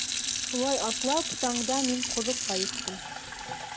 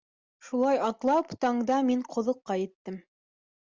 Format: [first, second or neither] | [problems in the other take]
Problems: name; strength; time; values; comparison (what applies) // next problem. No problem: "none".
second | background sound (Fill (with liquid) / Sink (filling or washing)); as loud as the speech